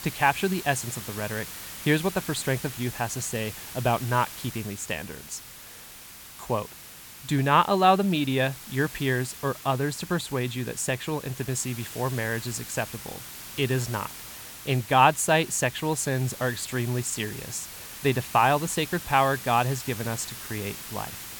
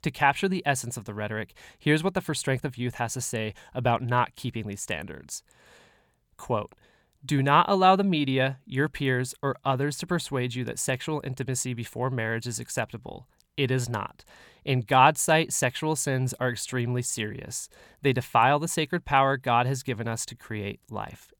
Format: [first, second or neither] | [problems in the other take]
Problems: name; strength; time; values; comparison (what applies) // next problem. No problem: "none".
second | hiss; noticeable; throughout; 10 dB below the speech